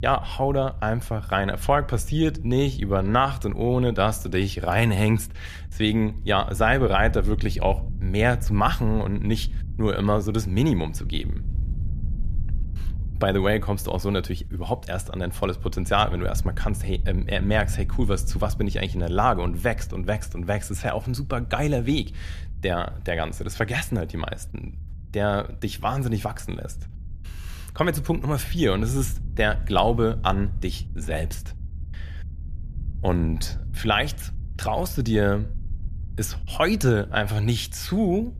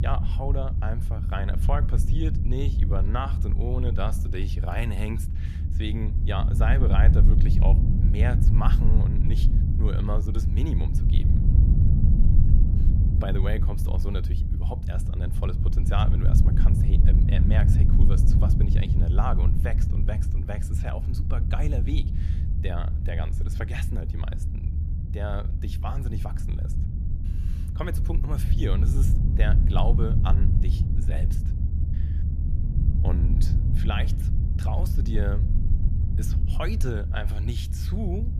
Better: first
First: low rumble; faint; throughout; 25 dB below the speech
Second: low rumble; loud; throughout; 4 dB below the speech

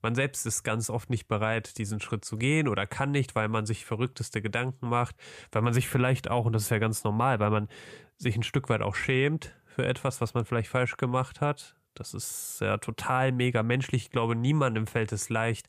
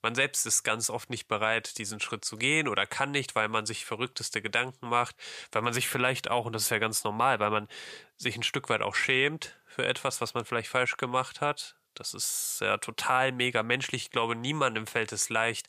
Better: first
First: none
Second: thin; somewhat; fading below 700 Hz

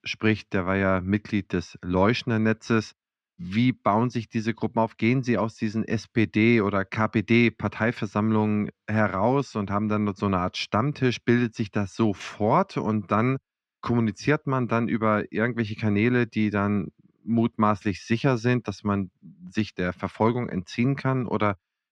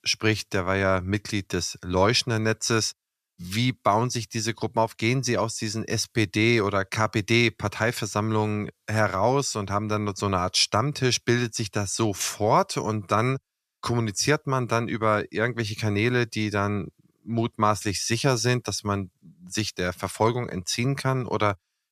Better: second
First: muffled; slightly; fading above 2.5 kHz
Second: none

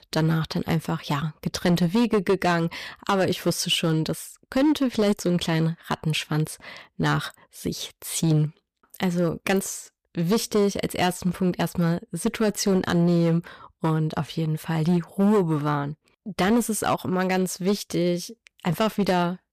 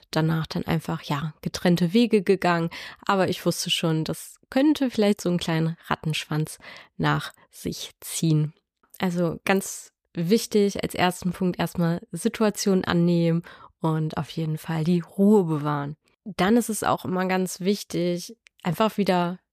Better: second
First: distortion; slight; 6% of the sound clipped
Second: none

